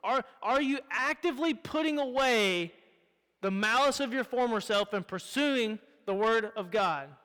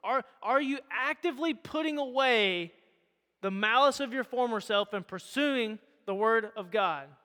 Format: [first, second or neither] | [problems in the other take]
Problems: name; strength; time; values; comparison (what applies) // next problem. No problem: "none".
second | distortion; slight; 10 dB below the speech